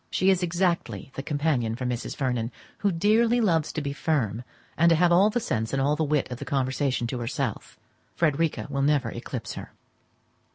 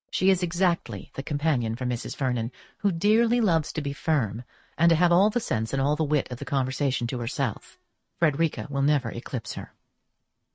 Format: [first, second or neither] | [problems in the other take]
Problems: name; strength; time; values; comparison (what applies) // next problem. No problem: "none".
first | noise reduction (neural mask model RNNoise)